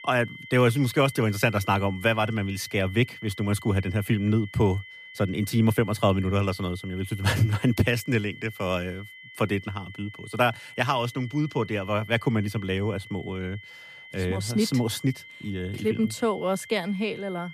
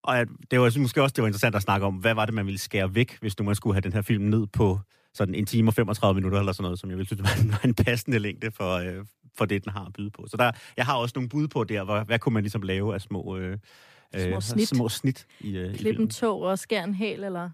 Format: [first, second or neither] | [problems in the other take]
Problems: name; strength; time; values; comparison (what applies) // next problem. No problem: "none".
second | high-pitched whine; noticeable; throughout; 2 kHz, 15 dB below the speech